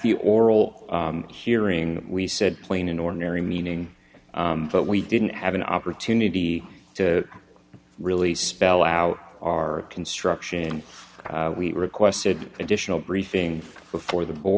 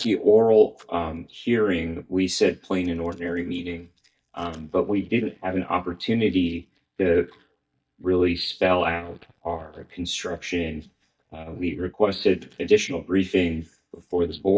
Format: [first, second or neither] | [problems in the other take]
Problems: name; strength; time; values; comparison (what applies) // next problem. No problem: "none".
first | noise reduction (neural mask model DeepFilterNet 3)